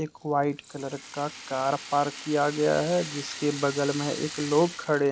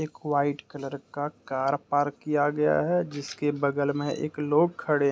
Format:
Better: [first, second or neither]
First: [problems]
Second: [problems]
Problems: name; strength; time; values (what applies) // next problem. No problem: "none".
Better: second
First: background sound (Rattle (instrument)); 13 dB below the speech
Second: none